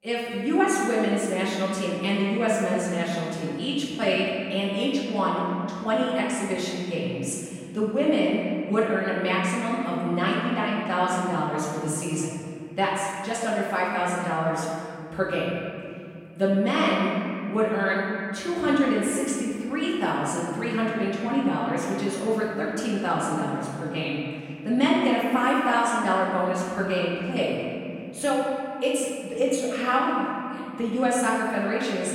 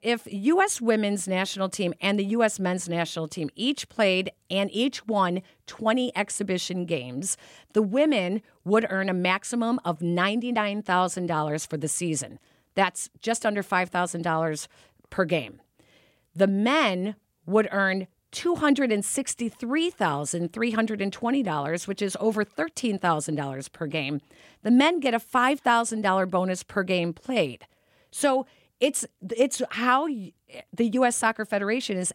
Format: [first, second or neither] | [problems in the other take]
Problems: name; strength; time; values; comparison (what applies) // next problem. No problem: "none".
second | room echo; strong; dies away in 2.3 s // off-mic speech; far